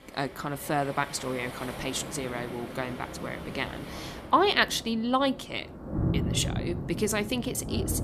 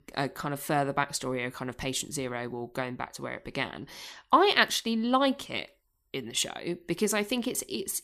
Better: second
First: rain or running water; loud; throughout; 7 dB below the speech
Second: none

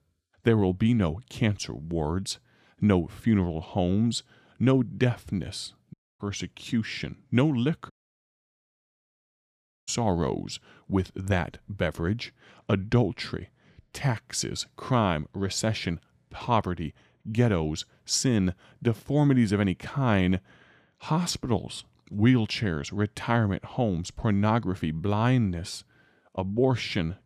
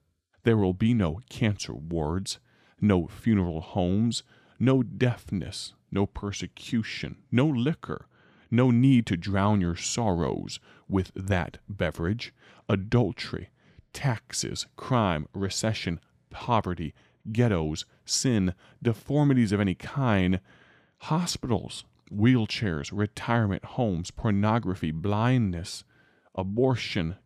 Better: second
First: audio cutting out; at 6 s and at 8 s for 2 s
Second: none

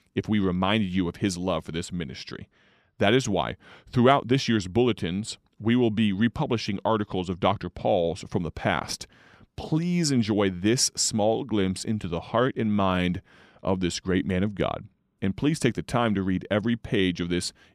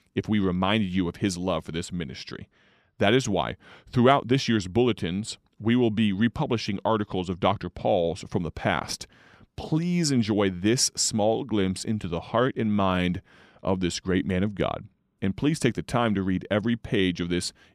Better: neither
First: none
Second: none

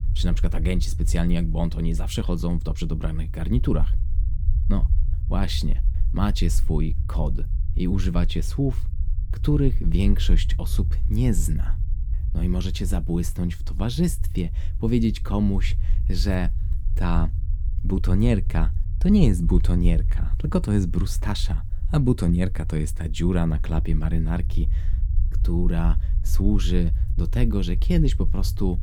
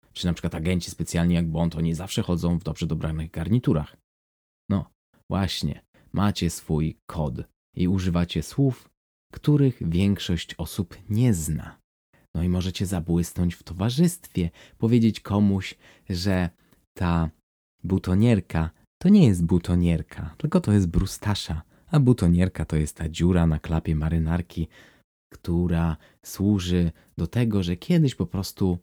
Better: second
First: low rumble; noticeable; throughout; 15 dB below the speech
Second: none

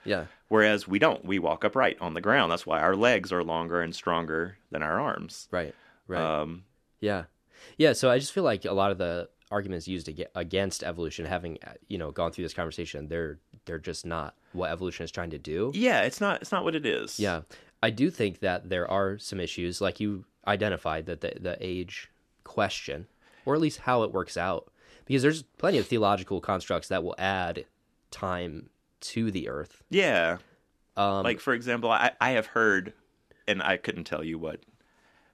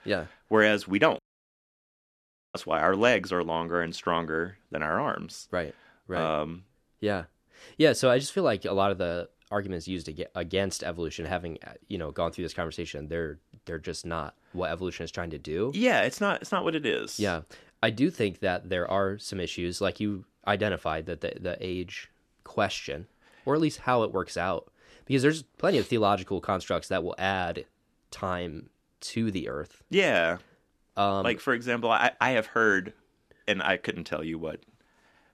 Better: first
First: none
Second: audio cutting out; at 1 s for 1.5 s

